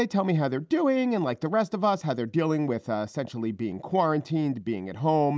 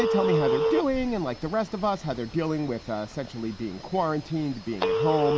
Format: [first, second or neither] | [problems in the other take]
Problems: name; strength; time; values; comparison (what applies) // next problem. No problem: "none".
first | background sound (Telephone); 1 dB below the speech